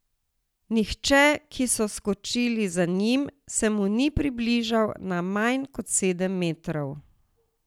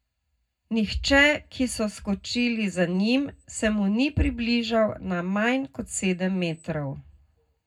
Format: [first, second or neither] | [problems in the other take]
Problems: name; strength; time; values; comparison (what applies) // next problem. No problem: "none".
first | room echo; dies away in 0.3 s